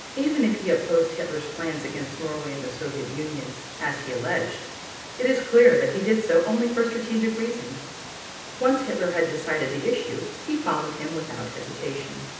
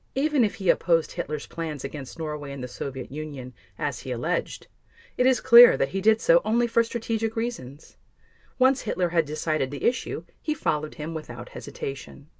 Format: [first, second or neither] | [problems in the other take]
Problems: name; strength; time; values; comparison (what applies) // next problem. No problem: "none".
second | background sound (Water); 13 dB below the speech // room echo; dies away in 0.9 s